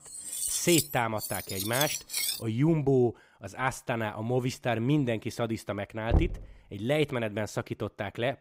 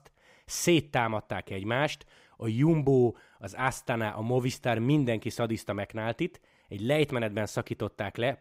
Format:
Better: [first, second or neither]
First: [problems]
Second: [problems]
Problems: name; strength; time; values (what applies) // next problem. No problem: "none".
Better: second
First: clattering dishes; loud; until 2.5 s; peak 2 dB above the speech // door banging; loud; at 6 s; peak level with the speech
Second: none